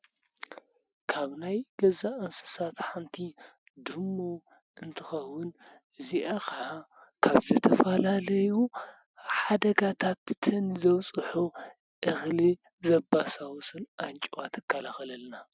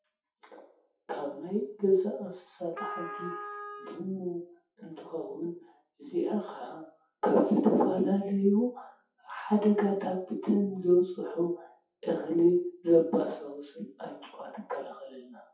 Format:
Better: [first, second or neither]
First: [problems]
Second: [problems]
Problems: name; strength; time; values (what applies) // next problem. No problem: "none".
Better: first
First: none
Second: noise reduction (classical method WPE with log-MMSE)